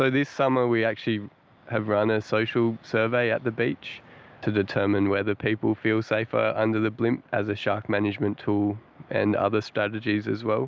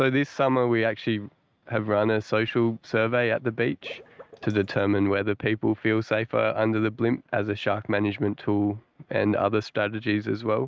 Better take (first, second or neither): first